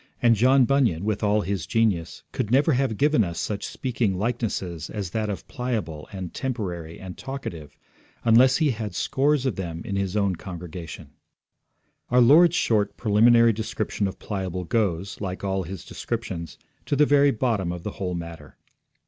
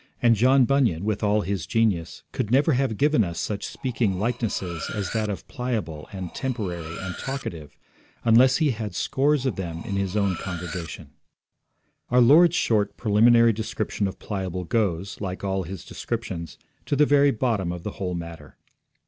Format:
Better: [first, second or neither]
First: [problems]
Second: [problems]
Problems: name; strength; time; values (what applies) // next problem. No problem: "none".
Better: first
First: none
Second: background sound (Cutlery, silverware); 16 dB below the speech